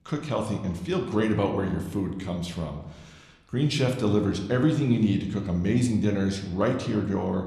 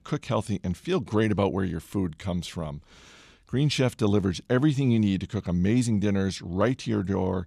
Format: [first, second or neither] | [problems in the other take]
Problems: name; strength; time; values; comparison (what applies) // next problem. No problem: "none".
second | room echo; slight; dies away in 0.8 s